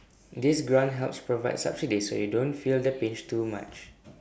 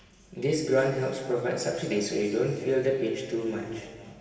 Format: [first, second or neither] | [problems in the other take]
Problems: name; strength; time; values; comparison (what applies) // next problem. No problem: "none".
first | room echo; dies away in 2.5 s